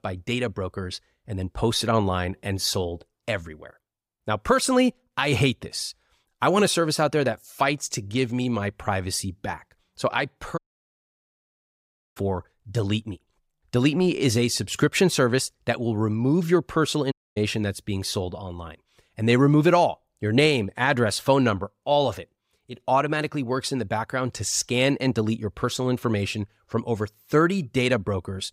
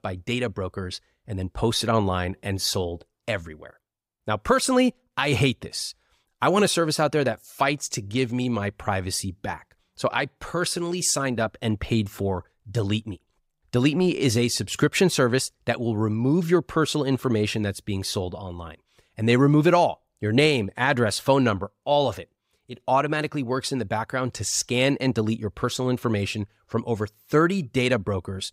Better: second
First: audio cutting out; at 11 s for 1.5 s and at 17 s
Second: none

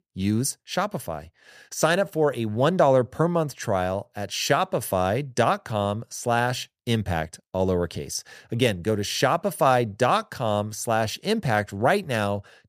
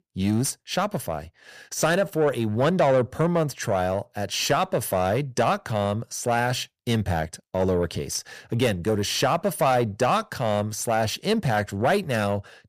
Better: first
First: none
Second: distortion; slight; 10 dB below the speech

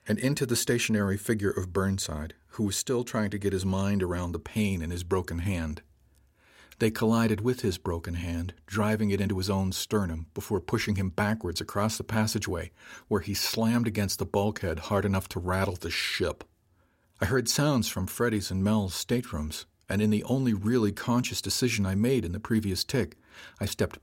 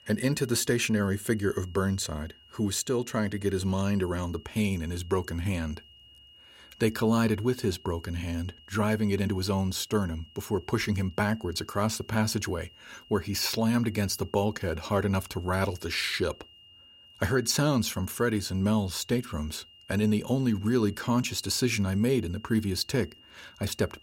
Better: first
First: none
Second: high-pitched whine; faint; throughout; 3 kHz, 25 dB below the speech

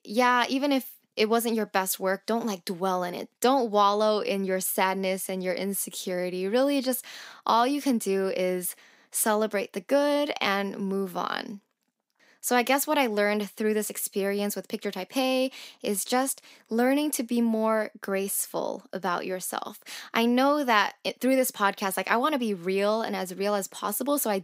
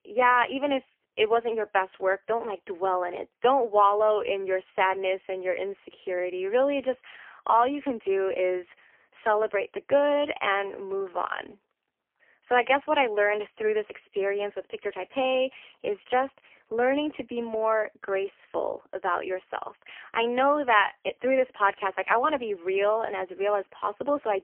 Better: first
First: none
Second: phone-call audio; poor line; nothing above 3 kHz

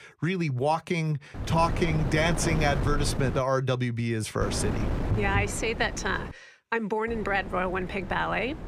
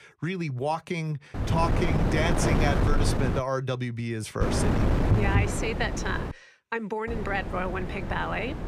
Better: first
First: wind noise on the microphone; occasional gusts; from 1.5 to 3.5 s, from 4.5 to 6.5 s and from 7 s on; 10 dB below the speech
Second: wind noise on the microphone; heavy; from 1.5 to 3.5 s, from 4.5 to 6.5 s and from 7 s on; 2 dB below the speech

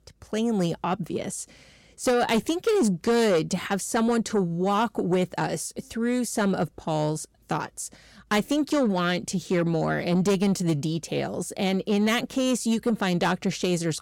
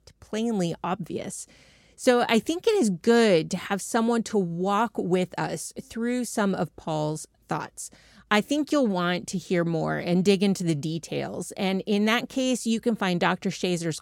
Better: second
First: distortion; slight; 10 dB below the speech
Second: none

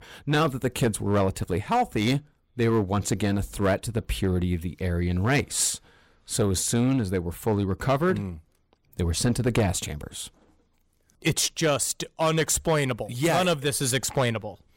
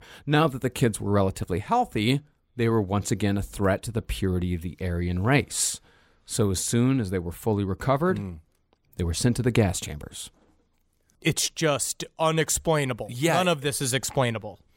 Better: second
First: distortion; slight; 5% of the sound clipped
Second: none

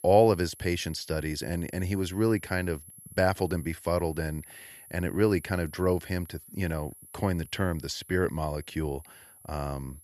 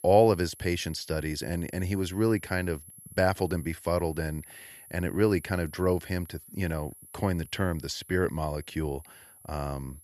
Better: neither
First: high-pitched whine; noticeable; throughout; 11 kHz, 20 dB below the speech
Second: high-pitched whine; noticeable; throughout; 11 kHz, 20 dB below the speech

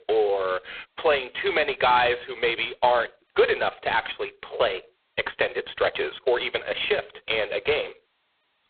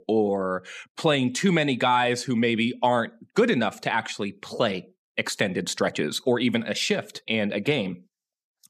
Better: second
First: phone-call audio; poor line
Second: none

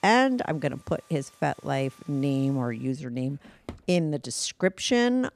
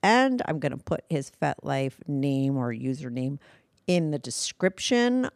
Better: second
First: household noises; faint; throughout; 25 dB below the speech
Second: none

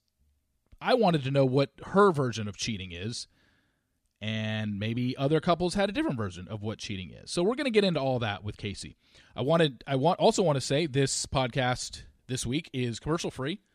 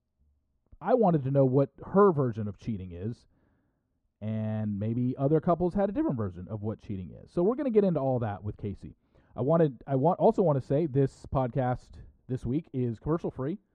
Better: first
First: none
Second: muffled; very; fading above 1.5 kHz

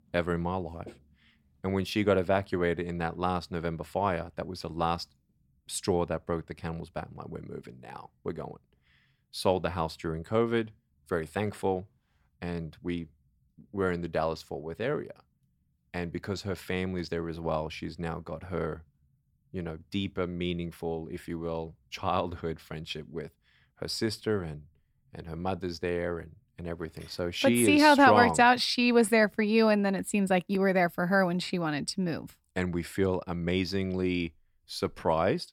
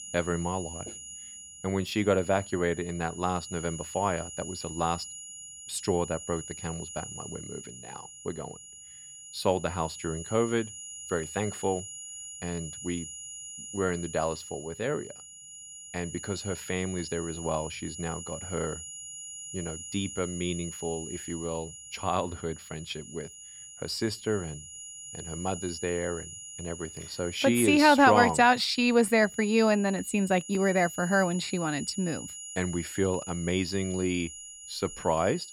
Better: first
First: none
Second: high-pitched whine; noticeable; throughout; 7 kHz, 10 dB below the speech

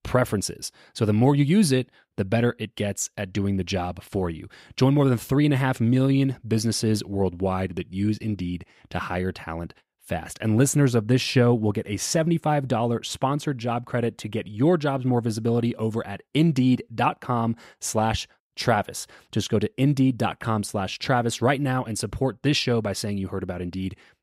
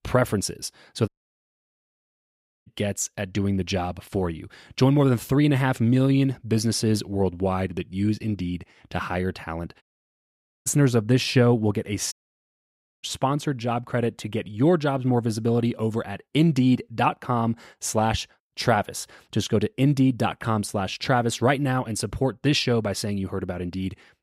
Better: first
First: none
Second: audio cutting out; at 1 s for 1.5 s, at 10 s for 1 s and at 12 s for 1 s

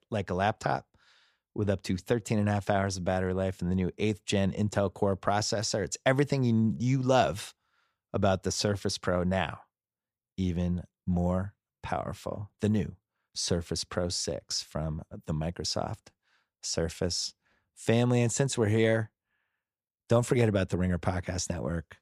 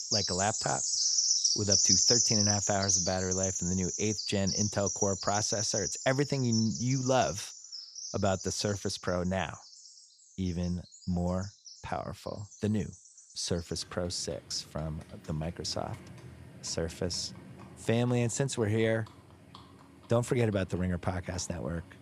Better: first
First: none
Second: animal sounds; very loud; throughout; 4 dB above the speech

